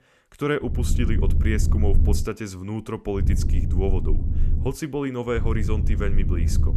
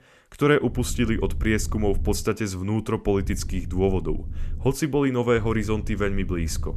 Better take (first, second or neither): second